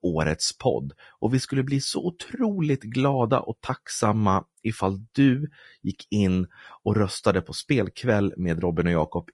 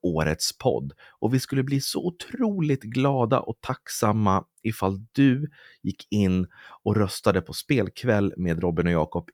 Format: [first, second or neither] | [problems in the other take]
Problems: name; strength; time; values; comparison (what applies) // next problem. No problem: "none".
second | garbled, watery; slightly; nothing above 10.5 kHz